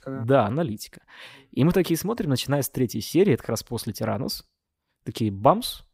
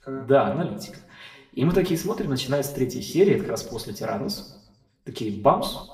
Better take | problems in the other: first | room echo; slight; dies away in 0.7 s // off-mic speech; somewhat distant

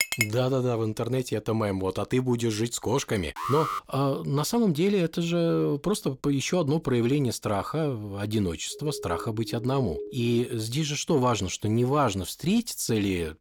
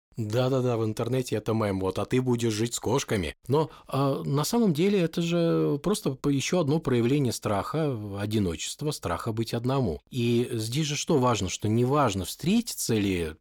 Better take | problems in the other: second | clattering dishes; loud; at the start; peak 1 dB above the speech // alarm; noticeable; at 3.5 s; peak 3 dB below the speech // siren; faint; from 8.5 to 10 s; peak 10 dB below the speech

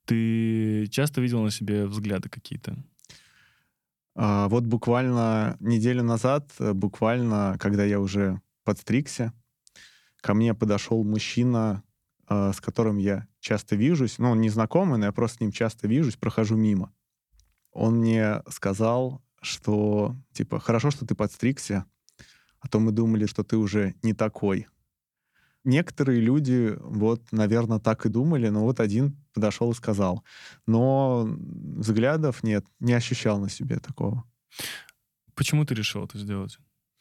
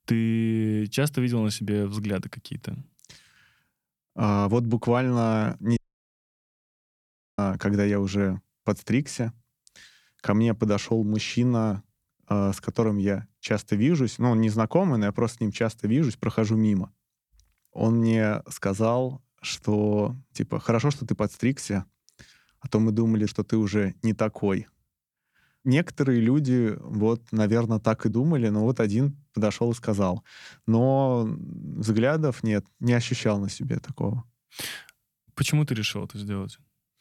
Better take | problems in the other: first | audio cutting out; at 6 s for 1.5 s

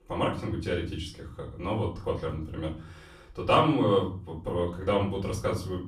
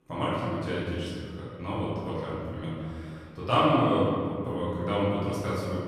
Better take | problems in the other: first | room echo; strong; dies away in 2.1 s; slight in the first // off-mic speech; far; far in the first

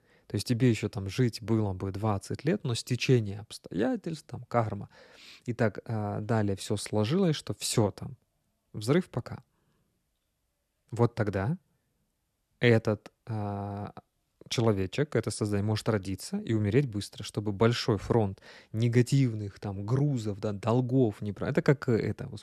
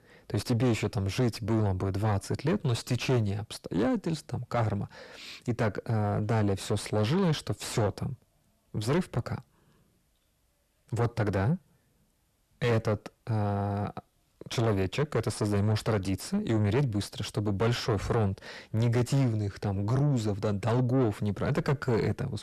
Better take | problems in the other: first | distortion; heavy; 6 dB below the speech

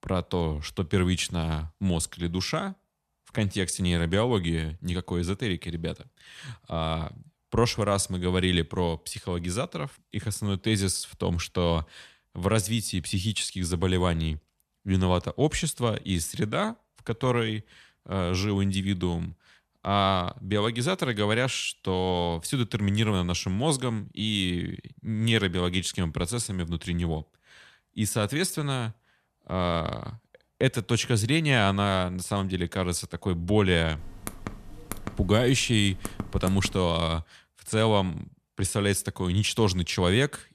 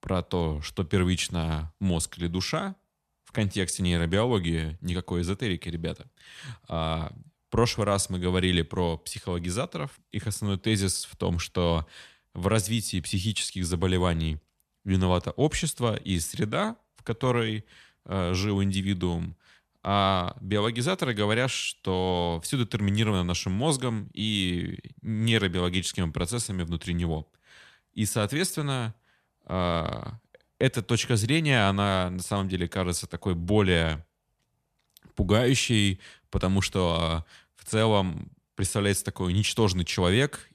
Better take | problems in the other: second | keyboard typing; faint; from 34 to 37 s; peak 10 dB below the speech

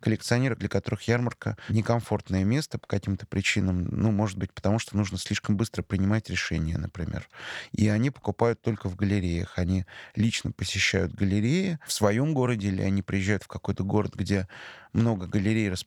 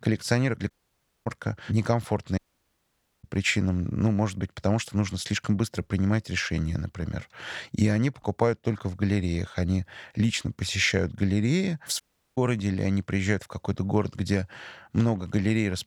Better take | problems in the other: first | audio cutting out; at 0.5 s for 0.5 s, at 2.5 s for 1 s and at 12 s

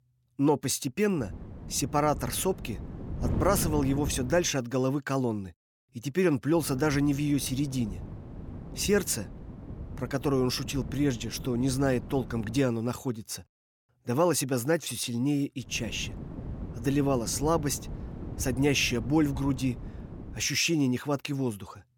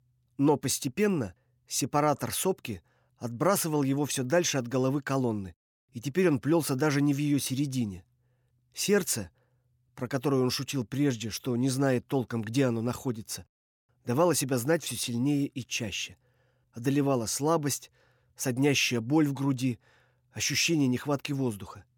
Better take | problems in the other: second | wind noise on the microphone; occasional gusts; from 1 to 4.5 s, from 6.5 to 13 s and from 16 to 20 s; 15 dB below the speech

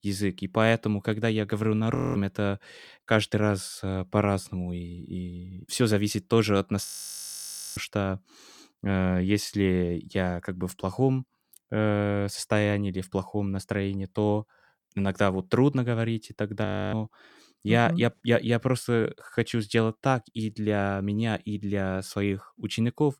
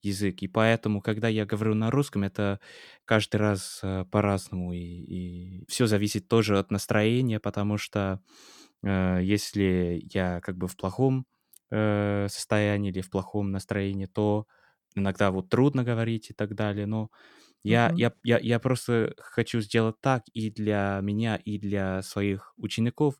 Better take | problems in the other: second | audio freezing; at 2 s, at 7 s for 1 s and at 17 s

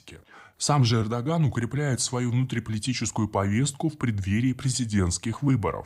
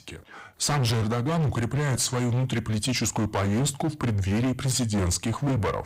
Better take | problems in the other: first | distortion; heavy; 27% of the sound clipped

